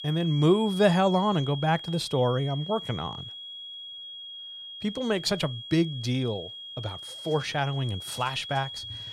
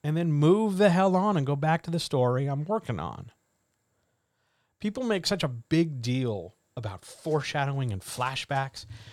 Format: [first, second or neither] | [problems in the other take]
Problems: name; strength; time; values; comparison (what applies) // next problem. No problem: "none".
second | high-pitched whine; noticeable; throughout; 3.5 kHz, 10 dB below the speech